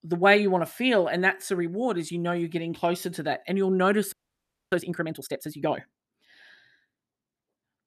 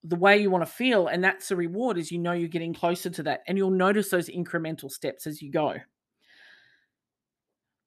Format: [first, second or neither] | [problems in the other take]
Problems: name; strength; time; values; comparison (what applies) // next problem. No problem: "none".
second | audio freezing; at 4 s for 0.5 s